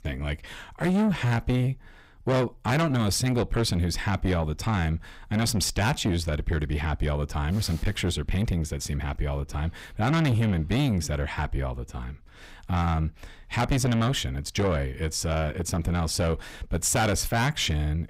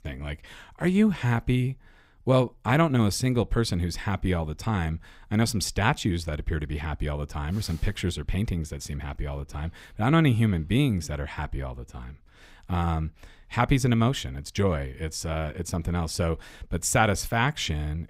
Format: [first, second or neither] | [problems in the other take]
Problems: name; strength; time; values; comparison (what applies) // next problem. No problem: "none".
second | distortion; heavy; 7 dB below the speech